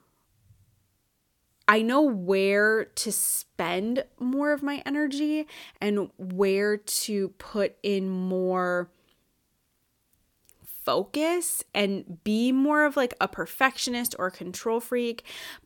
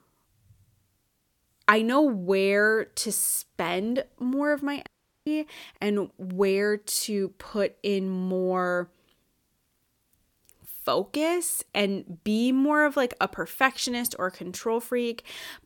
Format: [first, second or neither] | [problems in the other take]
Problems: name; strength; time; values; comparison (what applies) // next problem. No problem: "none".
first | audio cutting out; at 5 s